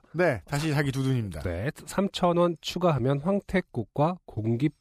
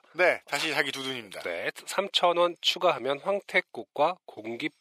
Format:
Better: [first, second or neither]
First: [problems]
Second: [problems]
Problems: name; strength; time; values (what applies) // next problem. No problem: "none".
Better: first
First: none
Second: thin; very; fading below 550 Hz